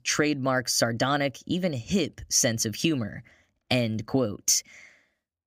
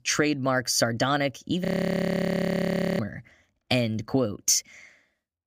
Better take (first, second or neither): first